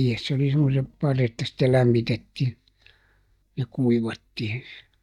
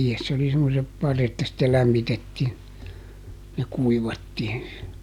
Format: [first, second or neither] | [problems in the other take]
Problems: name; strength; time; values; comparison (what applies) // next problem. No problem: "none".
second | noise reduction (neural mask model DeepFilterNet 3)